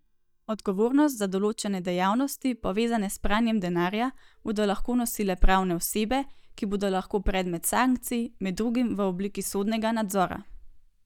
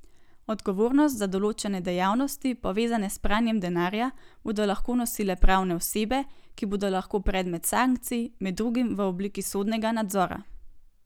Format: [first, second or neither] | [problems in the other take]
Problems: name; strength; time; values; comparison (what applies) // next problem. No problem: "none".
second | noise reduction (neural mask model DeepFilterNet 3)